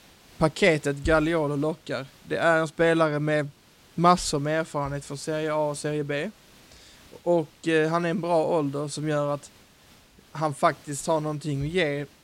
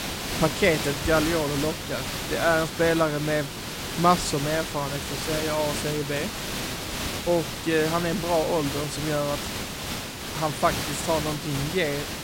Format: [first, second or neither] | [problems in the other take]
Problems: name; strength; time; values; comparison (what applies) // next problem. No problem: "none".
first | hiss; loud; throughout; 4 dB below the speech; faint in the first